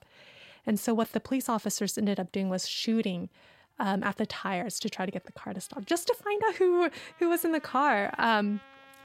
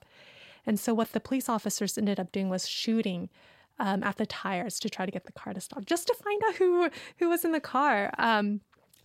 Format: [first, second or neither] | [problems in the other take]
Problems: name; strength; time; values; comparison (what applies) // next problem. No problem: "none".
second | background music; faint; throughout; 25 dB below the speech